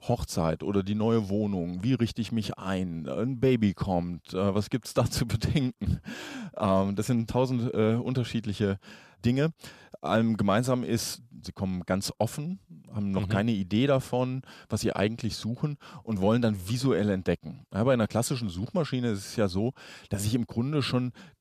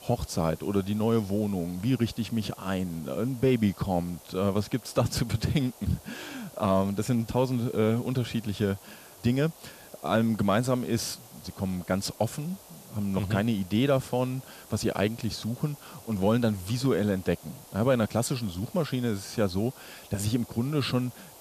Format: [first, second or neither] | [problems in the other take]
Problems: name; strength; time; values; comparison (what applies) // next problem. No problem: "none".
first | hiss; noticeable; throughout; 20 dB below the speech